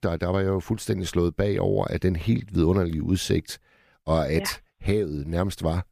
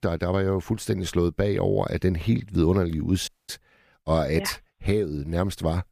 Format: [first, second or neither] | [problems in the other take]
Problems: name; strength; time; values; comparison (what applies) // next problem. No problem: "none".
first | audio cutting out; at 3.5 s